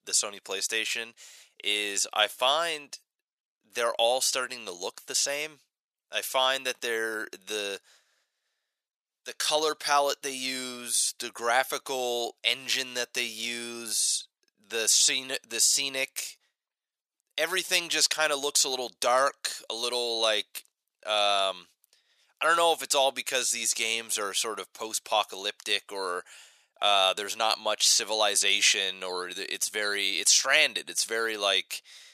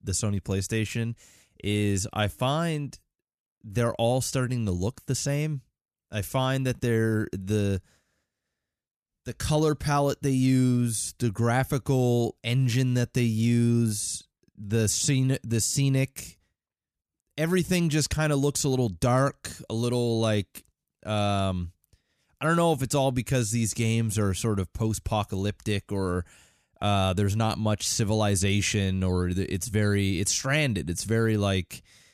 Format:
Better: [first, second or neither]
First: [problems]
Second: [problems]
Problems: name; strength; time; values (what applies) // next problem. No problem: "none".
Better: second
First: thin; very; fading below 600 Hz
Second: none